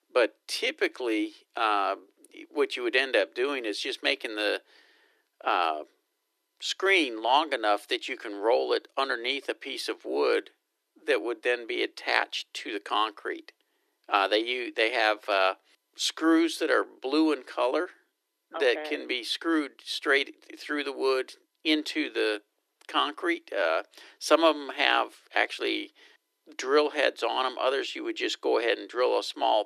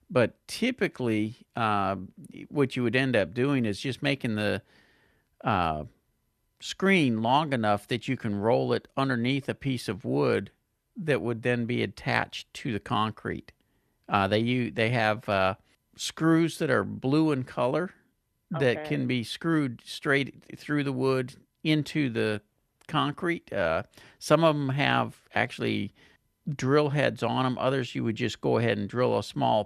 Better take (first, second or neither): second